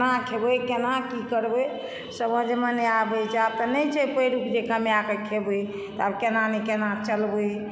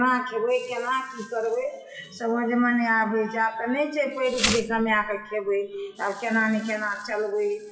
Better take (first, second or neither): first